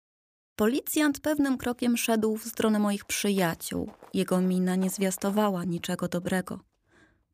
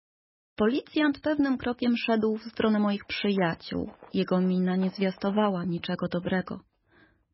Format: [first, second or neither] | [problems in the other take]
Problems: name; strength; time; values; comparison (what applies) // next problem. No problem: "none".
first | garbled, watery; badly; nothing above 5.5 kHz